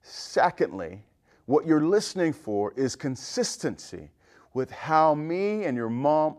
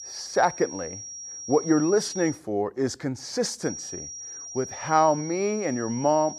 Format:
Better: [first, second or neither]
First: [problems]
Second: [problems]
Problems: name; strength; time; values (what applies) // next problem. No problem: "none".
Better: first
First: none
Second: high-pitched whine; noticeable; until 2.5 s and from 3.5 s on; 5.5 kHz, 10 dB below the speech